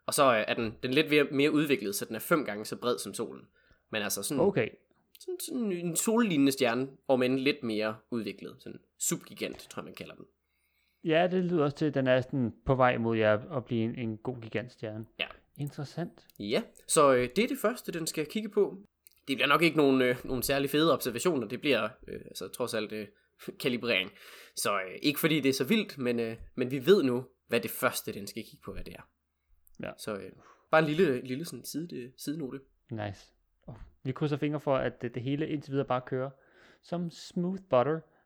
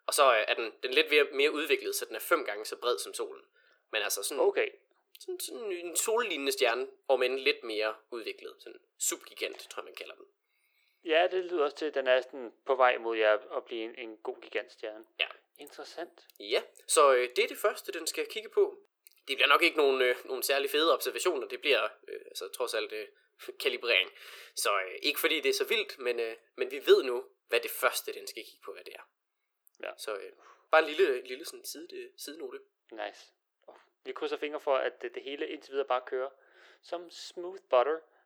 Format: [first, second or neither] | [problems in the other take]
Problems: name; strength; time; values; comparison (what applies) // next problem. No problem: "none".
first | thin; very; fading below 350 Hz